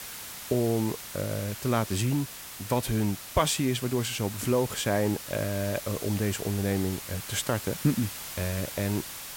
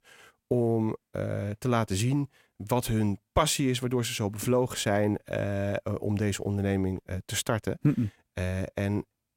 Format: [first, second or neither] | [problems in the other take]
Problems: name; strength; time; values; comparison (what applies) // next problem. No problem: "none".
second | hiss; loud; throughout; 9 dB below the speech